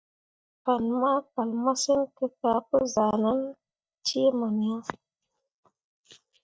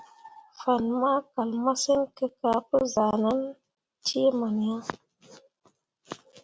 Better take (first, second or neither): second